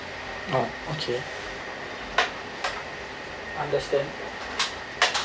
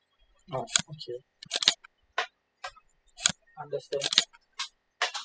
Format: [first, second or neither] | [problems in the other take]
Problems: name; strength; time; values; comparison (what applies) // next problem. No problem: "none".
first | noise reduction (classical method spectral subtraction)